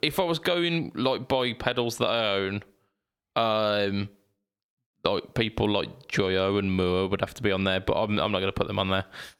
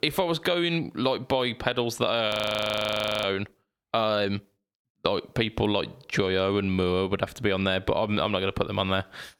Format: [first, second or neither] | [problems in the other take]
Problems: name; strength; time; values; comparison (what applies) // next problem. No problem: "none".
first | audio freezing; at 2.5 s for 1 s